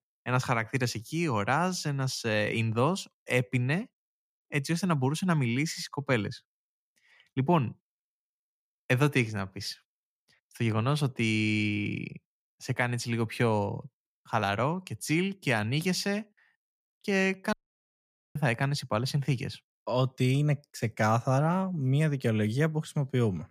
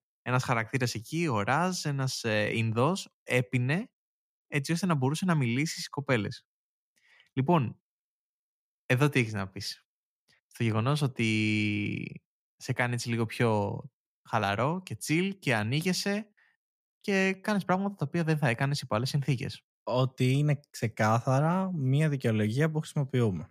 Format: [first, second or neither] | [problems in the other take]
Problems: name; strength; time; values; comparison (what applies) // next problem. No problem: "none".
second | audio cutting out; at 18 s for 1 s